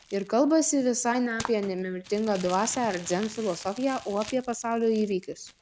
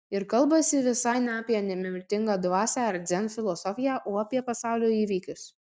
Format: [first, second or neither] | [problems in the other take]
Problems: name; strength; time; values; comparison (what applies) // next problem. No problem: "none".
second | background sound (Crumpling, crinkling); 18 dB below the speech